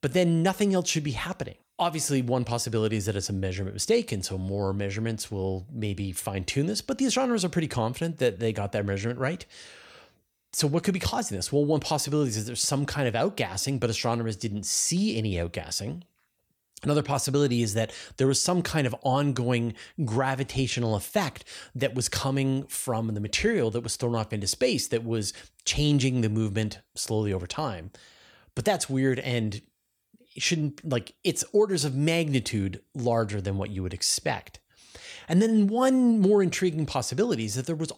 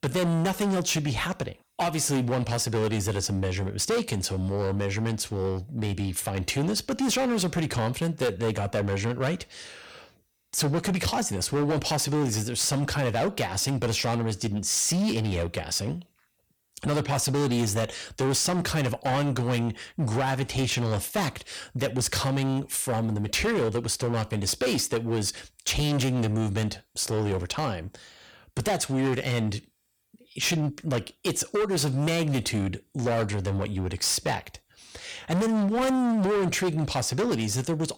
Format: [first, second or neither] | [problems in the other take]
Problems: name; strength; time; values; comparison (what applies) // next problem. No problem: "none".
first | distortion; heavy; 19% of the sound clipped